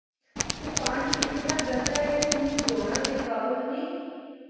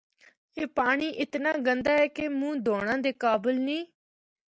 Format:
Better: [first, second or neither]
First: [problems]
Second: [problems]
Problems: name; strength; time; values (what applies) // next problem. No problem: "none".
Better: second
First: background sound (Tools); 1 dB below the speech // room echo; dies away in 2.2 s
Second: none